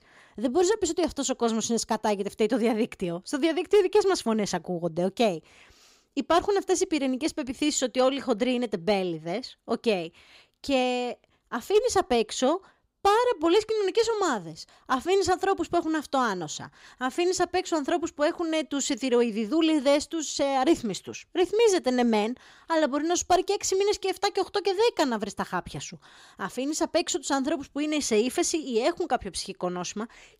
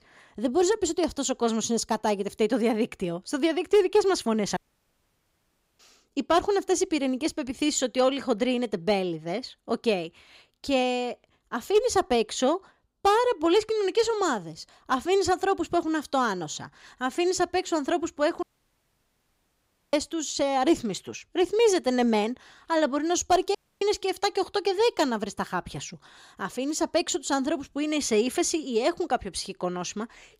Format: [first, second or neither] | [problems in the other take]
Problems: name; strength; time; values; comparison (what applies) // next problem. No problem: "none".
first | audio cutting out; at 4.5 s for 1 s, at 18 s for 1.5 s and at 24 s